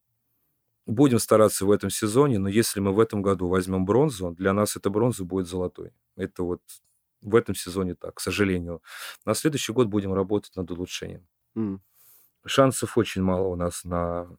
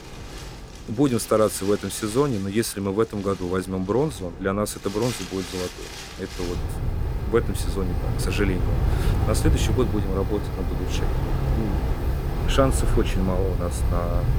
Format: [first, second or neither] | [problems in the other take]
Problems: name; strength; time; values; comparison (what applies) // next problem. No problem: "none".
first | wind in the background; loud; throughout; 2 dB below the speech